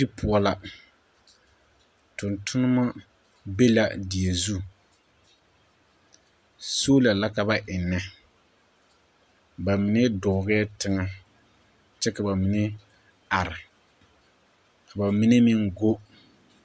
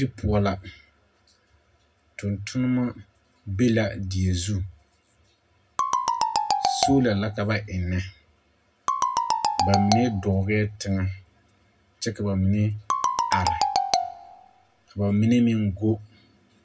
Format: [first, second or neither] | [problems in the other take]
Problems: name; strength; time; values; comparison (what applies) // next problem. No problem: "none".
first | background sound (Marimba, xylophone); 1 dB above the speech // room echo; dies away in 0.2 s